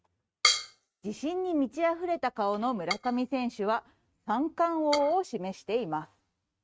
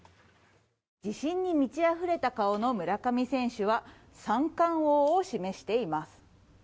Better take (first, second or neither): second